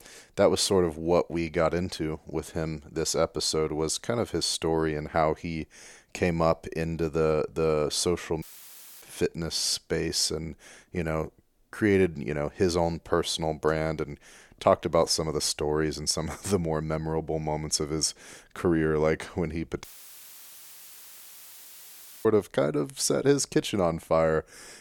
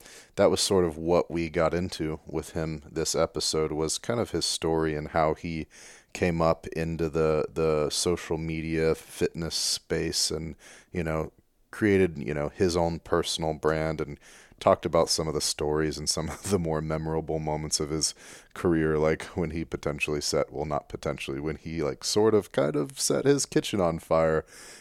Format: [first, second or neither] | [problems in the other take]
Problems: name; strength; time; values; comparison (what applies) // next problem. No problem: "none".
second | audio cutting out; filled with static; at 8.5 s for 0.5 s and at 20 s for 2.5 s